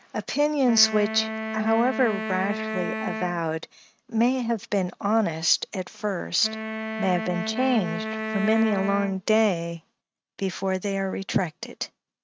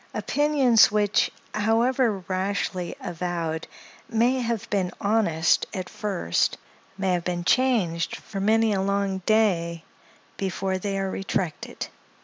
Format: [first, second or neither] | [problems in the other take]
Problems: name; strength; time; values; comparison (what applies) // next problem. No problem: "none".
second | noise reduction (neural mask model RNNoise)